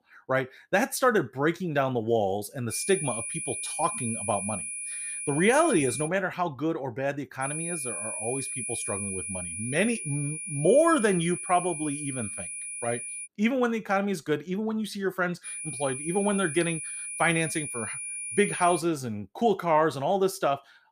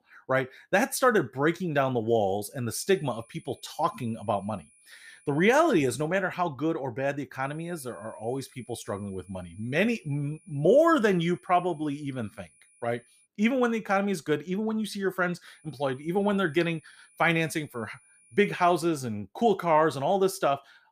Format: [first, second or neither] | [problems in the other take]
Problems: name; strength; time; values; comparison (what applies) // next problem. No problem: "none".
second | high-pitched whine; loud; from 2.5 to 6 s, from 7.5 to 13 s and from 15 to 19 s; 10 kHz, 5 dB below the speech; faint in the second